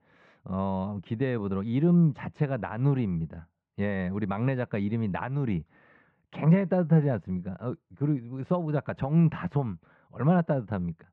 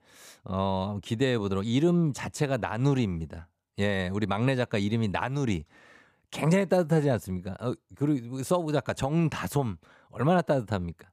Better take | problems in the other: second | muffled; very; fading above 2.5 kHz

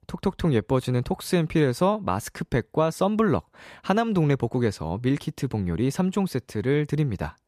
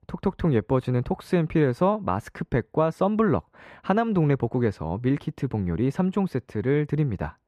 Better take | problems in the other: first | muffled; slightly; fading above 3.5 kHz

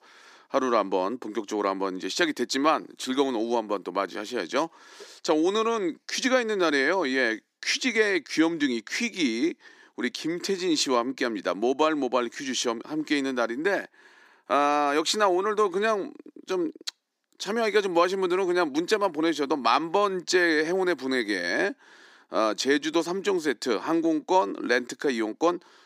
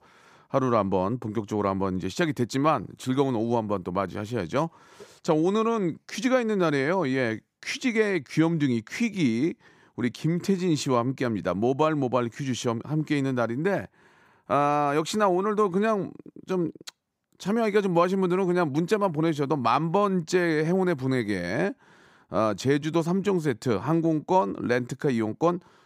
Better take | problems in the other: second | thin; very slightly; fading below 300 Hz

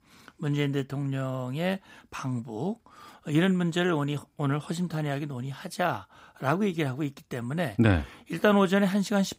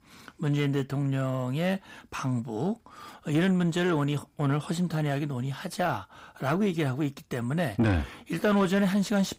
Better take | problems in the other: first | distortion; slight; 10 dB below the speech

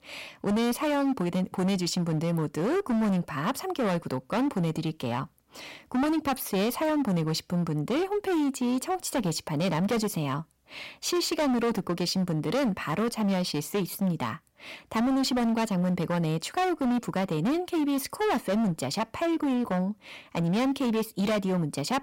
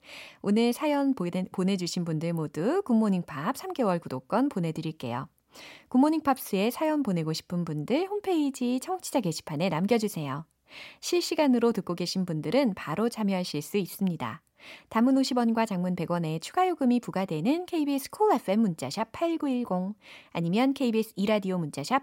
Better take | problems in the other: second | distortion; heavy; 21% of the sound clipped

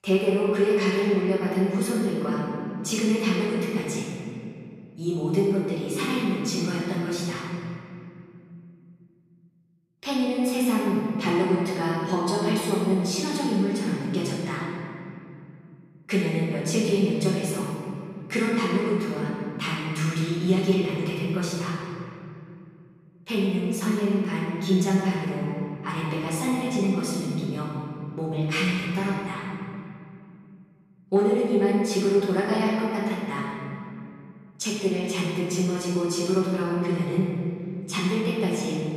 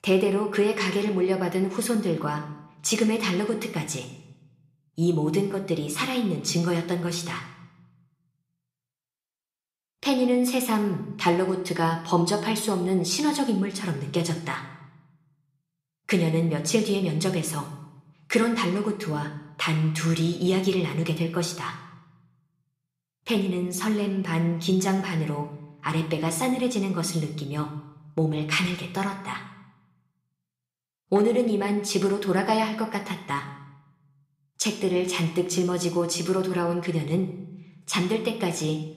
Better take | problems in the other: second | room echo; strong; dies away in 2.6 s; slight in the second // off-mic speech; far

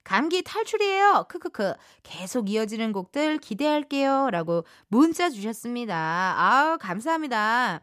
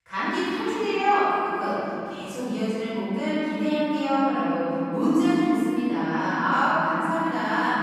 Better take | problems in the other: first | room echo; strong; dies away in 3 s // off-mic speech; far

